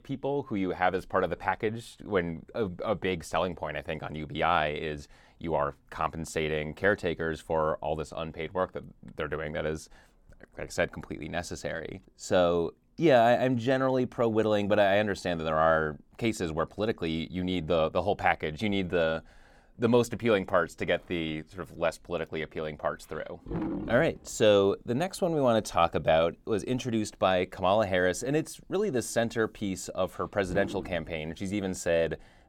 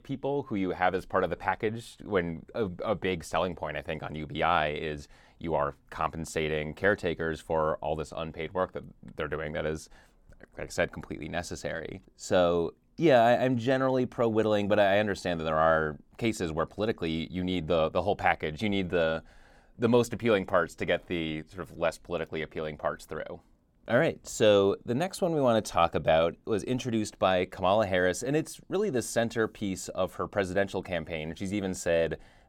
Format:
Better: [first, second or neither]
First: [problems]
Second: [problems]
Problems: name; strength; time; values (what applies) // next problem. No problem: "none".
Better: second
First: animal sounds; noticeable; from 21 s on; 10 dB below the speech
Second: none